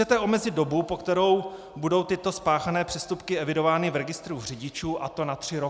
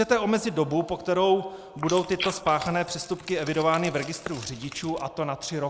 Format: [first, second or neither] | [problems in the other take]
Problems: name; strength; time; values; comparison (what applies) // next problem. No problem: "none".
first | noise reduction (neural mask model Resemble Enhance denoiser)